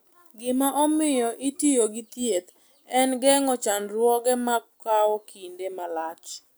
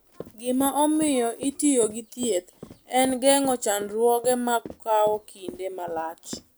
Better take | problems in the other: first | background sound (Run); 19 dB below the speech

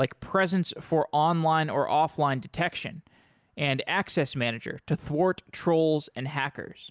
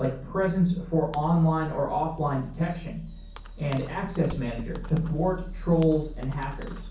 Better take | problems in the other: first | background sound (Fireworks); 12 dB below the speech // room echo; dies away in 0.6 s

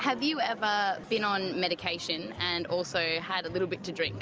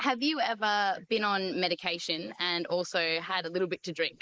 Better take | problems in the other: first | noise reduction (neural mask model Resemble Enhance denoiser)

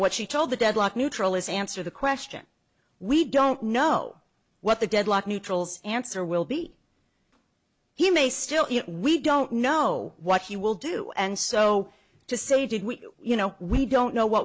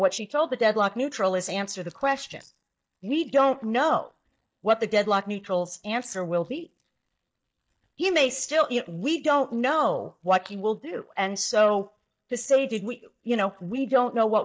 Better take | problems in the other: first | noise reduction (neural mask model DeepFilterNet 3)

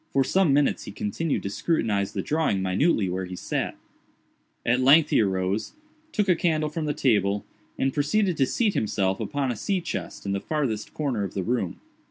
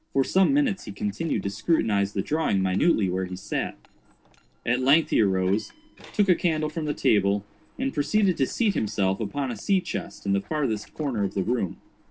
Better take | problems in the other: first | noise reduction (neural separator model SepFormer DNS4)

